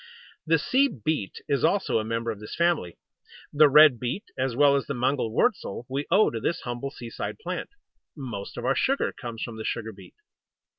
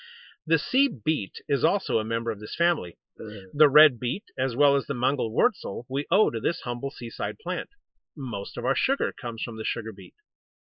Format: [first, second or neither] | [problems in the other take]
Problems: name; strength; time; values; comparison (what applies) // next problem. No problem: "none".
first | noise reduction (neural mask model Resemble Enhance denoiser)